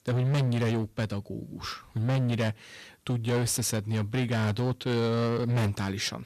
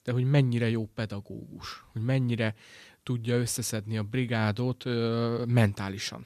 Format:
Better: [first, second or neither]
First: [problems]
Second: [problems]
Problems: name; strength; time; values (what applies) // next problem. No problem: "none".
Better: second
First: distortion; heavy; 18% of the sound clipped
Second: none